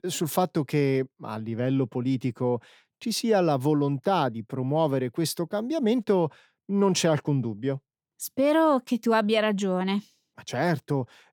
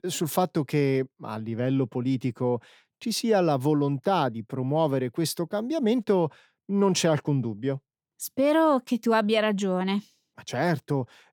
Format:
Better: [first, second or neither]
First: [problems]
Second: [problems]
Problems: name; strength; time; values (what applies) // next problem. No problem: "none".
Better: neither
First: none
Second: none